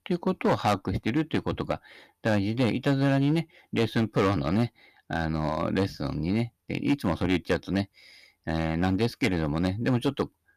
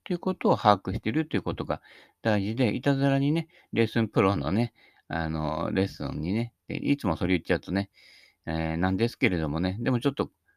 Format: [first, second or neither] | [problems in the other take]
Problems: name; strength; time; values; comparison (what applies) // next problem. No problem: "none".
second | distortion; slight; 5% of the sound clipped